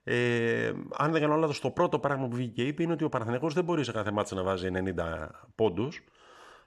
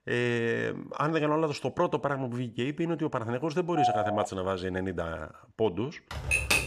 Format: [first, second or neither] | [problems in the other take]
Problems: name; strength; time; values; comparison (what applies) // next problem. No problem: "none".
first | phone ringing; loud; at 4 s; peak 3 dB above the speech // keyboard typing; loud; at 6 s; peak 6 dB above the speech